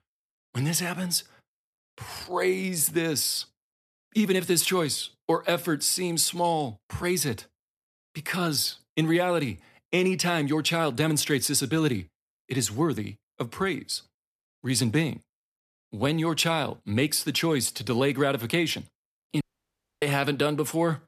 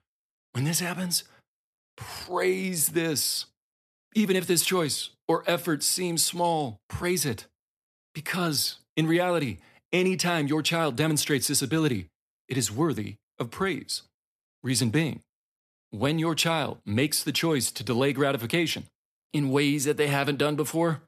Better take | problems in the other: second | audio cutting out; at 19 s for 0.5 s

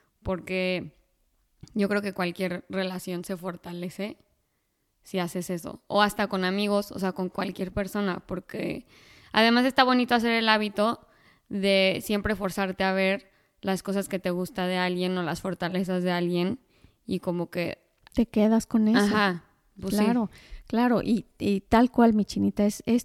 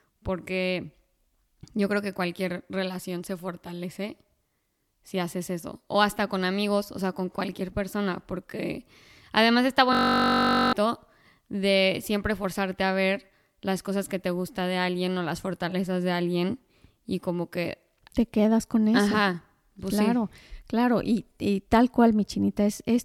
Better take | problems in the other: first | audio freezing; at 10 s for 1 s

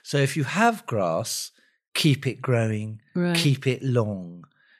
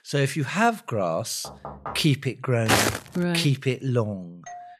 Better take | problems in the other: first | door banging; faint; at 1.5 s; peak 10 dB below the speech // footsteps; loud; at 2.5 s; peak 4 dB above the speech // doorbell; faint; at 4.5 s; peak 15 dB below the speech

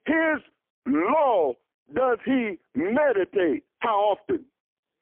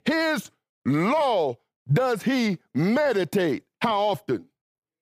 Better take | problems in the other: second | phone-call audio; poor line; nothing above 3.5 kHz

